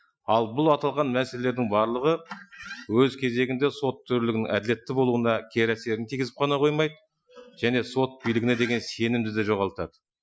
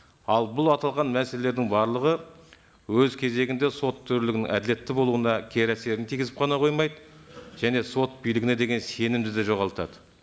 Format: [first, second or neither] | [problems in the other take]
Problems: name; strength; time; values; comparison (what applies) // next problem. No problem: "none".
second | noise reduction (classical method Wiener filter)